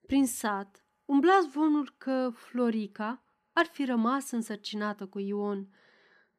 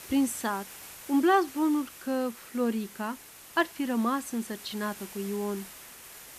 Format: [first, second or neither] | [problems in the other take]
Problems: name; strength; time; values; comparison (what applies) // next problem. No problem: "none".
first | hiss; noticeable; throughout; 15 dB below the speech